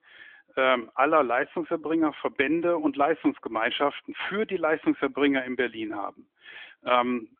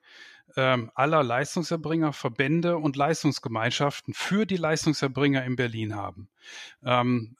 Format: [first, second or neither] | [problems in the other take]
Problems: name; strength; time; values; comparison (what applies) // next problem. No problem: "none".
second | phone-call audio; nothing above 3.5 kHz